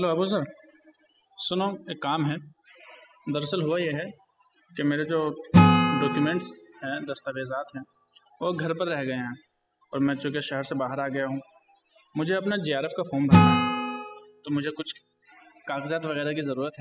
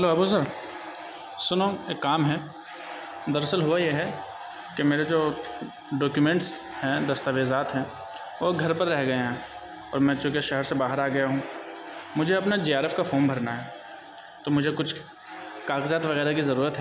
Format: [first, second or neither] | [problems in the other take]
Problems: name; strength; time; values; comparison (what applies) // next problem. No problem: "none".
second | noise reduction (classical method spectral subtraction)